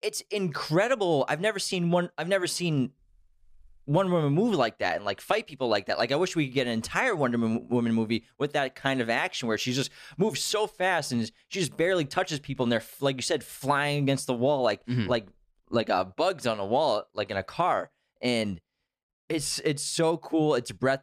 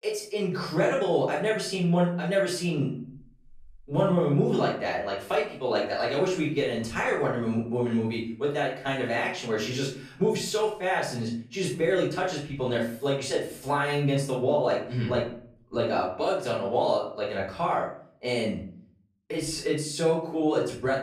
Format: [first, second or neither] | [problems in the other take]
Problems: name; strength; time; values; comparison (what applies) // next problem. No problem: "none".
first | off-mic speech; far // room echo; noticeable; dies away in 0.5 s